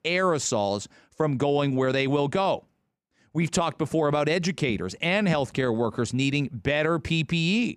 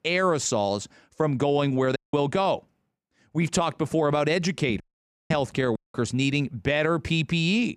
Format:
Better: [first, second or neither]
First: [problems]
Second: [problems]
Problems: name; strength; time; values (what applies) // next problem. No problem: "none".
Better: first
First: none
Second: audio cutting out; at 2 s, at 5 s for 0.5 s and at 6 s